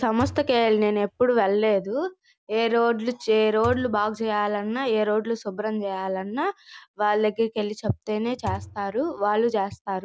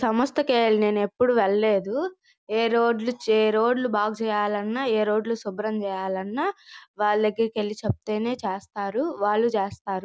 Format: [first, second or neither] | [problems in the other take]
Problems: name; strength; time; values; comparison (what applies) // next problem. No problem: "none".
second | background sound (Thump, thud); 14 dB below the speech